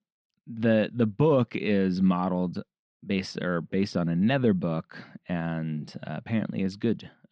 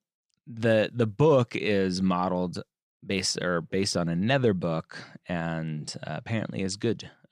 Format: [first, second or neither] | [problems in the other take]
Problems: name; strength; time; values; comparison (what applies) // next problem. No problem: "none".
second | muffled; slightly; fading above 4 kHz